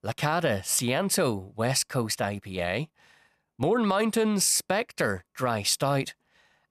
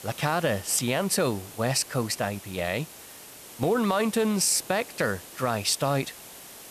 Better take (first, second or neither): first